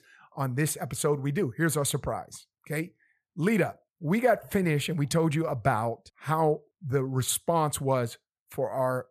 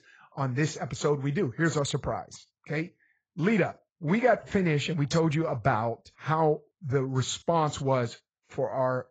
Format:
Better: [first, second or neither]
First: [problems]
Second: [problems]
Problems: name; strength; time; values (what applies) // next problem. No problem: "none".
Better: first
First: none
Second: garbled, watery; badly; nothing above 7.5 kHz